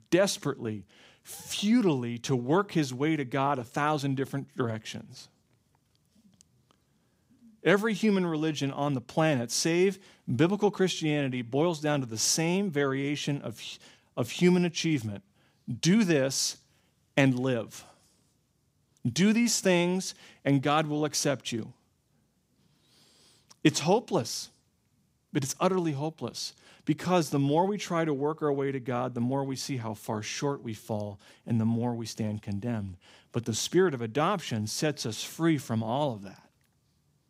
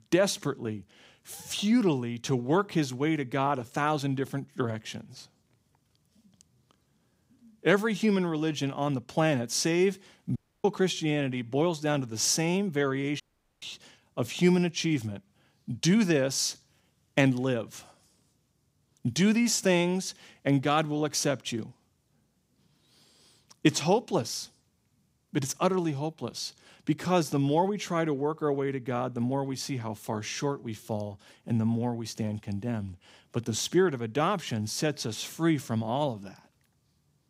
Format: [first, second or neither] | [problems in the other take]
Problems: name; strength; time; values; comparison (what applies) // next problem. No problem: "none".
first | audio cutting out; at 10 s and at 13 s